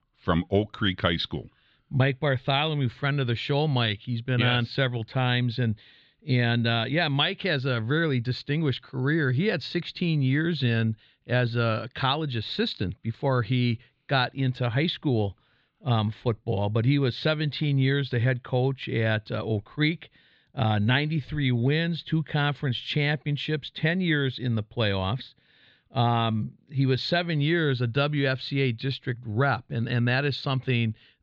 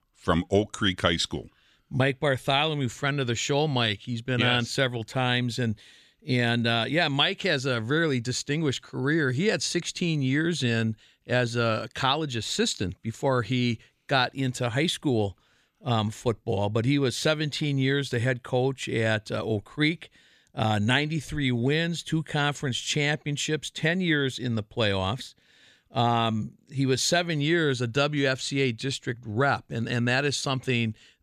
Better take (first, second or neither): second